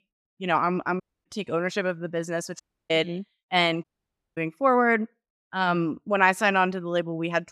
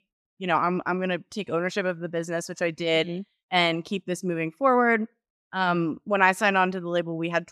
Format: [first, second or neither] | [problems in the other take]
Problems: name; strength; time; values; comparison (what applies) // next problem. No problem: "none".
second | audio cutting out; at 1 s, at 2.5 s and at 4 s for 0.5 s